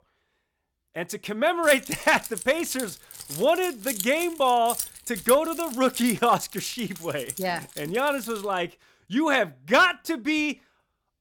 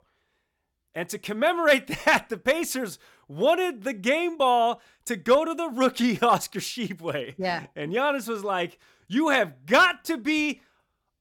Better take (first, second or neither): second